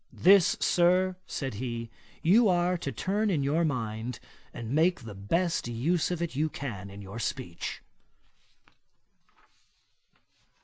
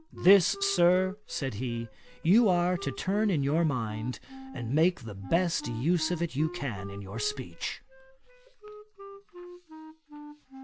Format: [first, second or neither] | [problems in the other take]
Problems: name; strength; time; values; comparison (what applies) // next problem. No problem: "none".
first | background sound (Wind instrument, woodwind instrument); 16 dB below the speech